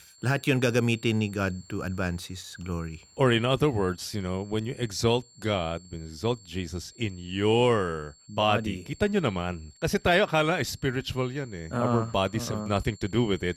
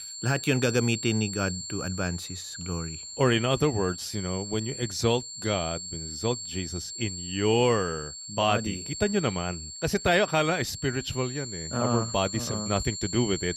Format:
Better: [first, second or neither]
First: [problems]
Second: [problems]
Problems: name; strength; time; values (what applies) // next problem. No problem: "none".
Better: first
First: high-pitched whine; faint; throughout; 7.5 kHz, 25 dB below the speech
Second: high-pitched whine; loud; throughout; 7.5 kHz, 8 dB below the speech